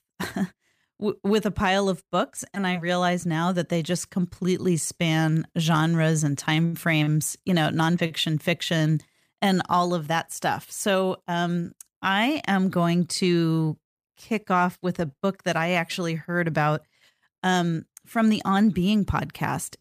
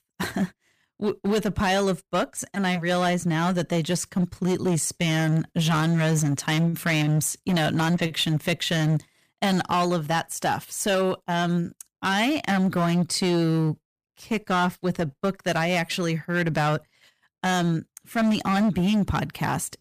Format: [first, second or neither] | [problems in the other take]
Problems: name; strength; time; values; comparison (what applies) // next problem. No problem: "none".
first | distortion; slight; 14% of the sound clipped